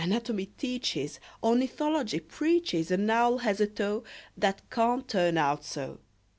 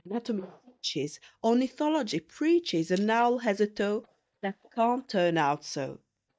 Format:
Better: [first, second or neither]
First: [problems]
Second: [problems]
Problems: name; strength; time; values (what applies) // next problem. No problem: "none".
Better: first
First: none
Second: noise reduction (neural mask model DeepFilterNet 3)